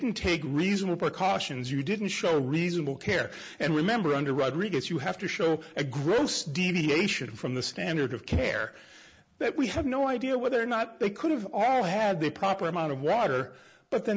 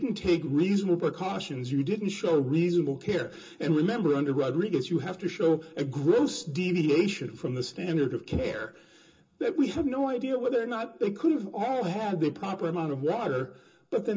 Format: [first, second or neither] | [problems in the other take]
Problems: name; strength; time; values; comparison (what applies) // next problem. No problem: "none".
first | room echo; dies away in 0.2 s